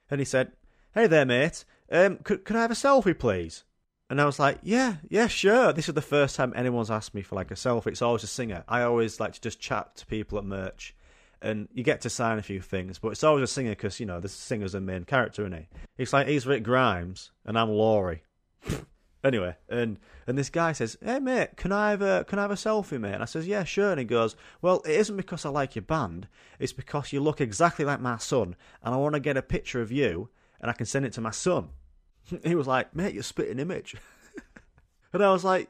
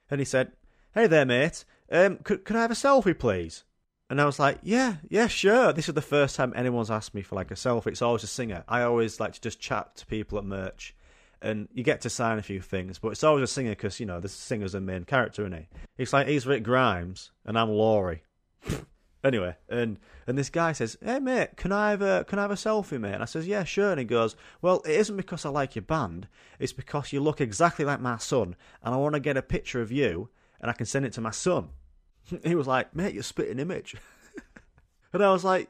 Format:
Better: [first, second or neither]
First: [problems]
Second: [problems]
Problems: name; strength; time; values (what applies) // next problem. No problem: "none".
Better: neither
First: none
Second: none